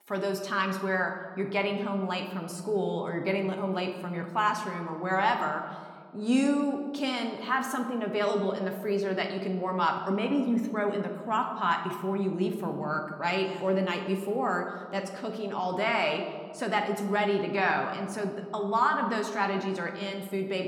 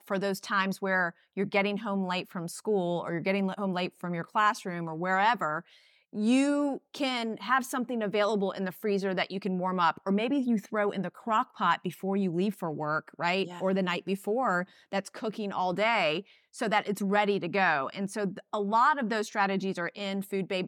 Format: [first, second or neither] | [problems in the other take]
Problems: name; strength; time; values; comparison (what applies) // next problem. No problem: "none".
second | room echo; slight; dies away in 1.2 s